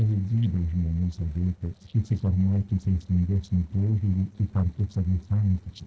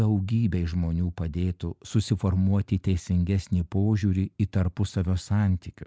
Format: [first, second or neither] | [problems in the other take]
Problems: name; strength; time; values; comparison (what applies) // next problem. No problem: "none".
second | noise reduction (neural separator model SepFormer DNS4)